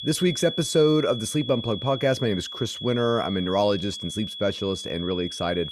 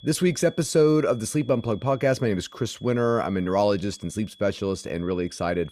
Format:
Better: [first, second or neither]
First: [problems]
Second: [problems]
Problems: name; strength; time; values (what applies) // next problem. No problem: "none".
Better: second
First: high-pitched whine; loud; throughout; 3.5 kHz, 8 dB below the speech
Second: high-pitched whine; faint; throughout; 3.5 kHz, 25 dB below the speech